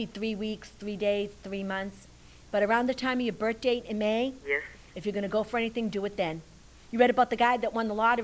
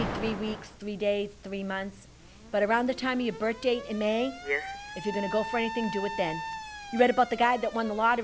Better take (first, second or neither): first